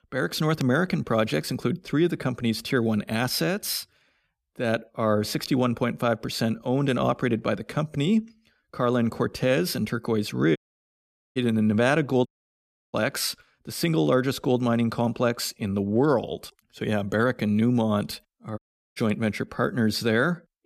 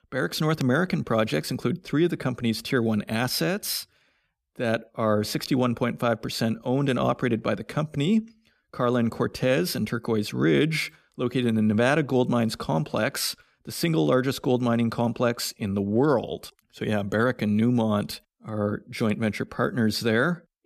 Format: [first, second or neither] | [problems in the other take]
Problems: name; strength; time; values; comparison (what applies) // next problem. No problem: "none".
second | audio cutting out; at 11 s for 1 s, at 12 s for 0.5 s and at 19 s